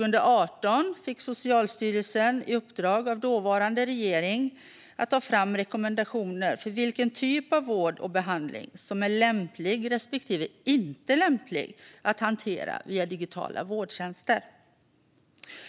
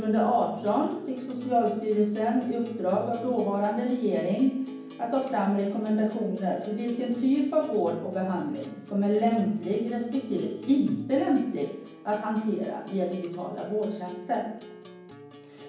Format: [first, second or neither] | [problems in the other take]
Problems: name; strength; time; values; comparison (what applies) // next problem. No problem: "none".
first | background sound (Acoustic guitar); 18 dB below the speech // room echo; dies away in 1.2 s